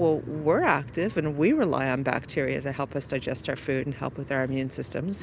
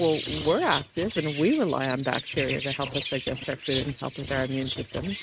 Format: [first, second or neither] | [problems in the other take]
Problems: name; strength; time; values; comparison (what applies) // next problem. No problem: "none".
first | noise reduction (neural mask model RNNoise)